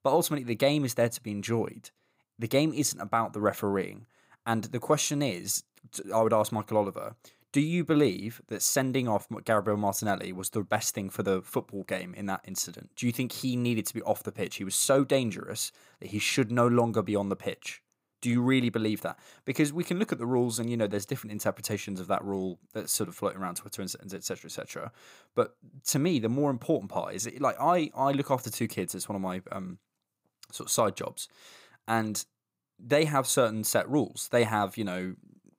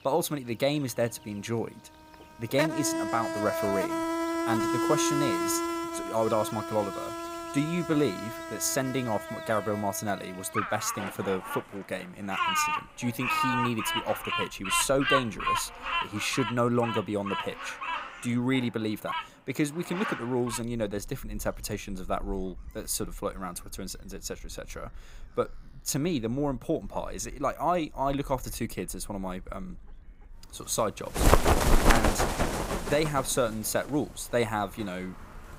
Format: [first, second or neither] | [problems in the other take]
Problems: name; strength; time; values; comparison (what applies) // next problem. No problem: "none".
first | animal sounds; very loud; throughout; as loud as the speech